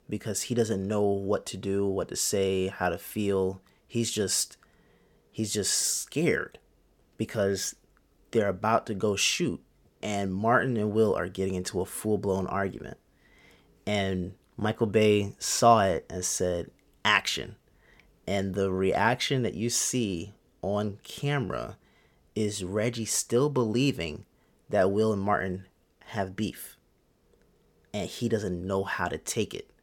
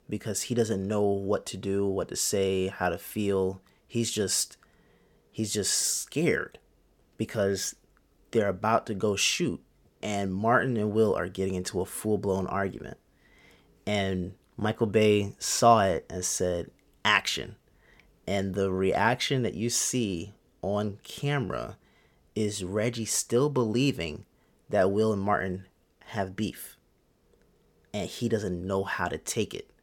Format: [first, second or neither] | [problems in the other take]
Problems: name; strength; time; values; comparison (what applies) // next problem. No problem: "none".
neither | none